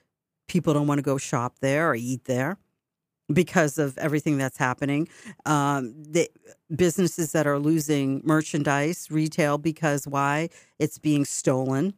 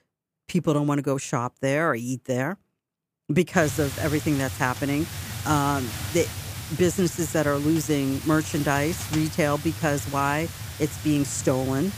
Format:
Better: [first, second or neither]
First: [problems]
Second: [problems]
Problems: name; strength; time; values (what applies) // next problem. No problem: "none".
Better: first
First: none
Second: hiss; loud; from 3.5 s on; 9 dB below the speech